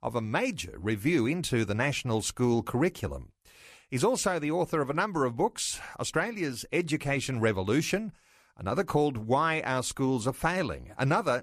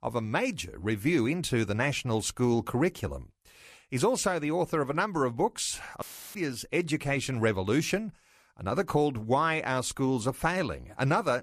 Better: first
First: none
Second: audio cutting out; filled with static; at 6 s

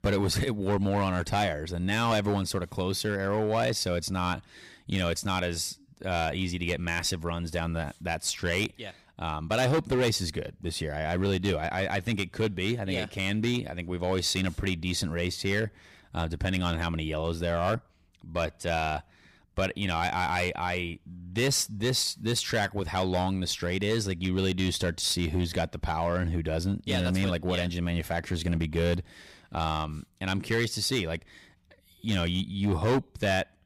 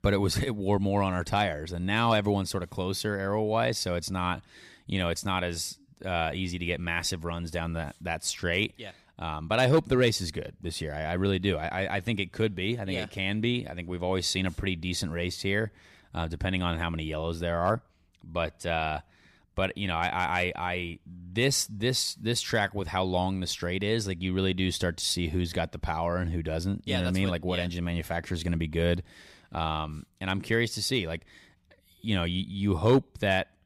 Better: second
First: distortion; slight; 6% of the sound clipped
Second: none

